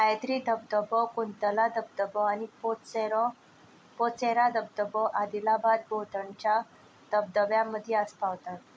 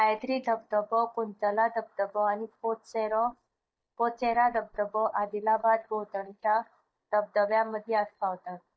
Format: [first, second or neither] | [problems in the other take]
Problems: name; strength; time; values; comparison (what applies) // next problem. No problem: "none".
first | noise reduction (neural mask model DeepFilterNet 3)